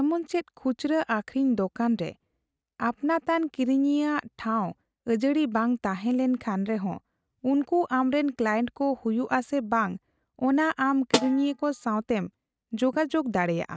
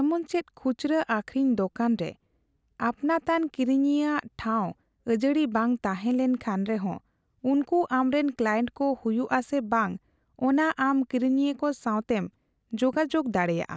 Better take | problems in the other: second | noise reduction (neural mask model RNNoise)

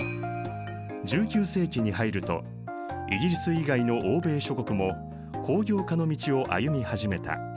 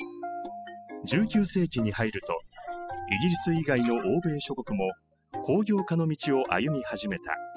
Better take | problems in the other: first | noise reduction (classical method spectral subtraction)

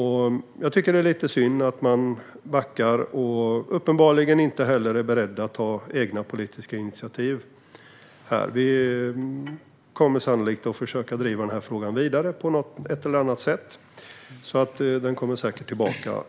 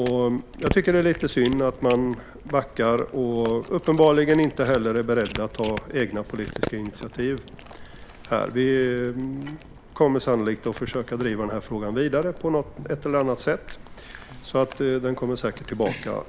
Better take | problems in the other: first | background sound (Cat); 14 dB below the speech

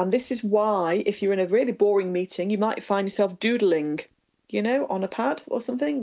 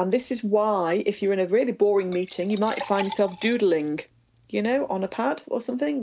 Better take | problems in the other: first | background sound (Liquid); 16 dB below the speech

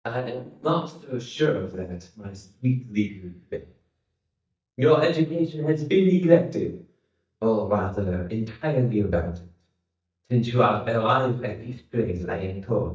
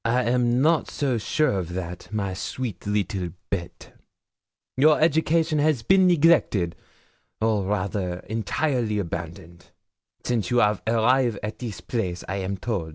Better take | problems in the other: second | noise reduction (neural mask model DeepFilterNet 3)

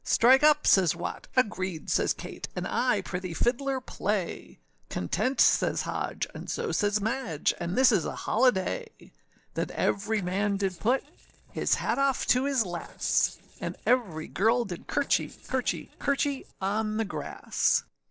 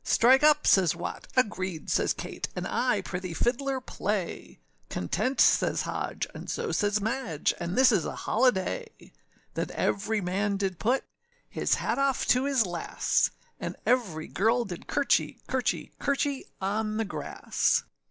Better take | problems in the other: second | noise reduction (neural separator model SepFormer DNS4)

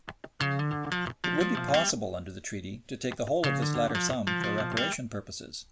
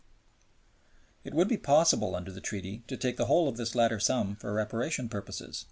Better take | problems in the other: second | background sound (Electric guitar); as loud as the speech

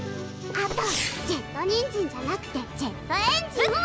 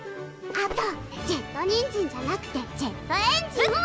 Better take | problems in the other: second | background sound (Fireworks + Strum); 9 dB below the speech

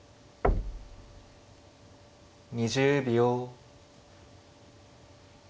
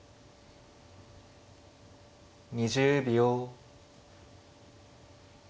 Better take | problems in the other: second | background sound (Knock); 3 dB below the speech

